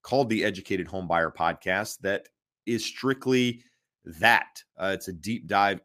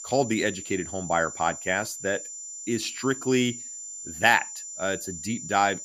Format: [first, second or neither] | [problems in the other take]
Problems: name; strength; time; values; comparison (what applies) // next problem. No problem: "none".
first | high-pitched whine; loud; throughout; 7 kHz, 9 dB below the speech